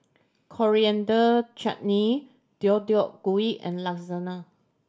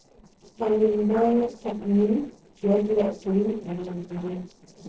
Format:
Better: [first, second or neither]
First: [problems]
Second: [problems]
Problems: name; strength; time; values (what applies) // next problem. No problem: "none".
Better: first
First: none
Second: noise reduction (neural separator model SepFormer DNS4)